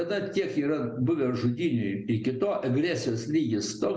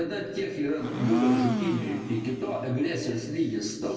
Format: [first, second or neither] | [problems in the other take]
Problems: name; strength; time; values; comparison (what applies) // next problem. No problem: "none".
first | background sound (Domestic sounds, home sounds); 2 dB below the speech // room echo; dies away in 2.1 s